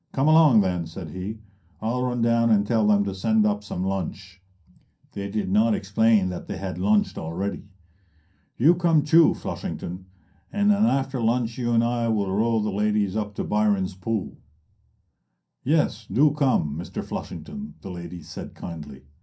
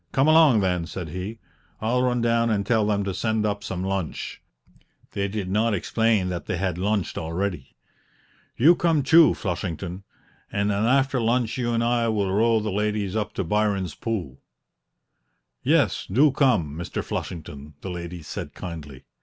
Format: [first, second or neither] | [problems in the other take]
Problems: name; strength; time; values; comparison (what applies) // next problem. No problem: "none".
second | room echo; dies away in 0.3 s